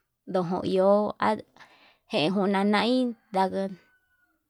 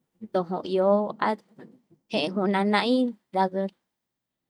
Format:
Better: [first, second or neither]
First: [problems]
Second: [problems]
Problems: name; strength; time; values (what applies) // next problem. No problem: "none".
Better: first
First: none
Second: noise reduction (neural mask model DeepFilterNet 3)